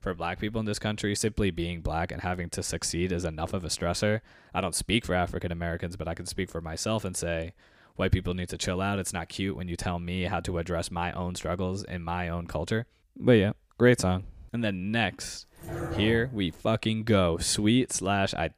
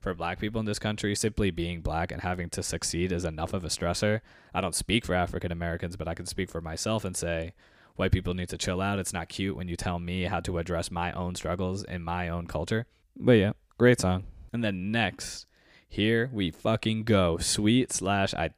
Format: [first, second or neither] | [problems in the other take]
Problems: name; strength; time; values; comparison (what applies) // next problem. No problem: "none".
second | dog barking; noticeable; at 16 s; peak 5 dB below the speech